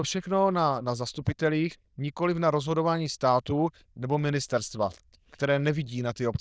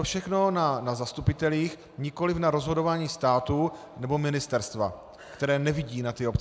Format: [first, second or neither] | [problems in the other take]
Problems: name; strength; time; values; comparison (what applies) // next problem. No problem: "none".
second | noise reduction (neural diffusion model UNIVERSE++)